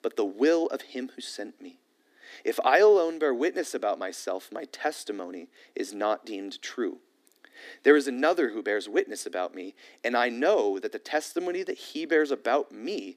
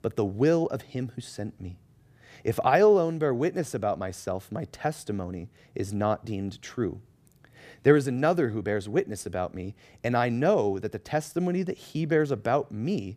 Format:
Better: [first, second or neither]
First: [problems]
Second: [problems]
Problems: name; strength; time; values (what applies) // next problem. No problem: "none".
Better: second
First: thin; very slightly; fading below 250 Hz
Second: none